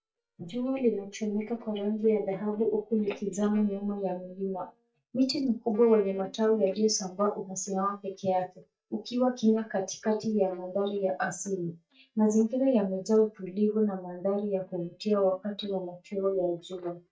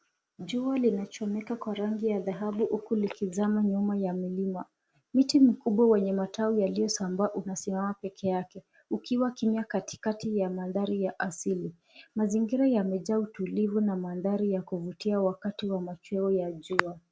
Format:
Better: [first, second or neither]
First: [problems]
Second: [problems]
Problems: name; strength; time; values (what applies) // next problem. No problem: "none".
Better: second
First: noise reduction (neural mask model DeepFilterNet 3)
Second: none